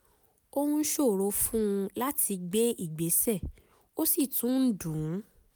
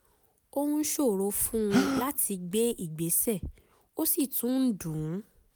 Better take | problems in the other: first | background sound (Gasp); 4 dB below the speech

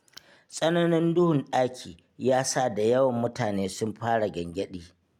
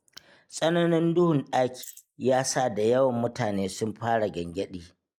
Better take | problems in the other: first | noise reduction (neural mask model Resemble Enhance denoiser)

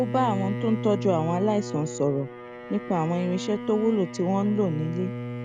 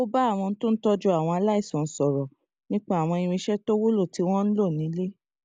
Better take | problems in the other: second | background sound (Bowed string instrument); 8 dB below the speech

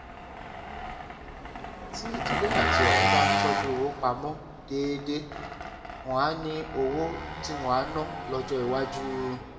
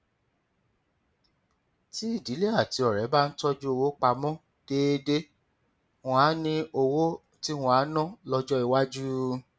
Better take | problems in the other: second | background sound (Engine); 1 dB above the speech // room echo; dies away in 1 s

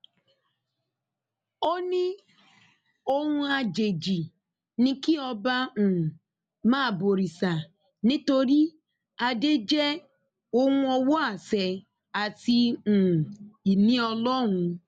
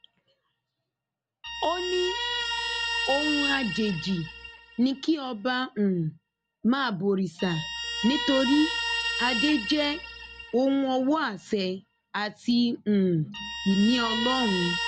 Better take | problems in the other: first | background sound (Guitar); 6 dB below the speech

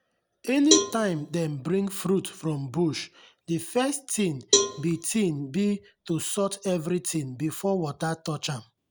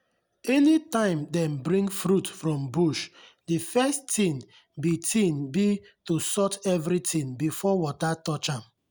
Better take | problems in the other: second | background sound (Cowbell); 3 dB below the speech

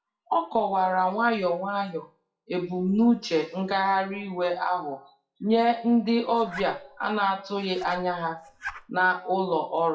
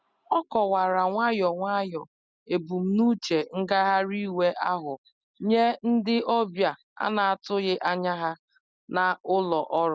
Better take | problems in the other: second | noise reduction (classical method WPE with log-MMSE)

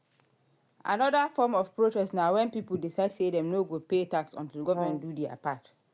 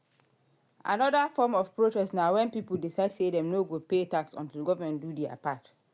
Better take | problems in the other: second | background sound (Brass instrument); 8 dB below the speech

